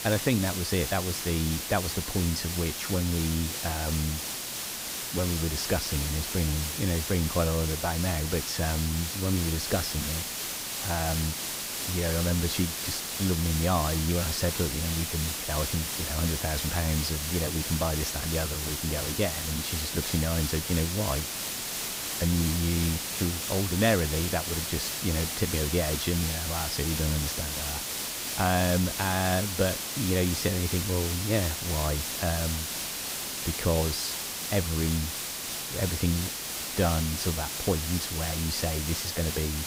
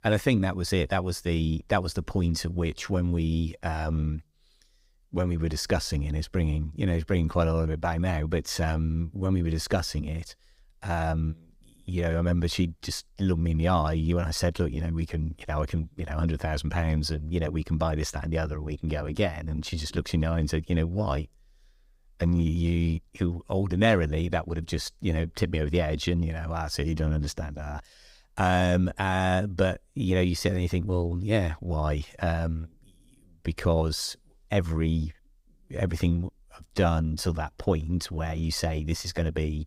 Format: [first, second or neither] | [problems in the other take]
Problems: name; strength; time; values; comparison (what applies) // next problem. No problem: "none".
second | hiss; loud; throughout; 1 dB below the speech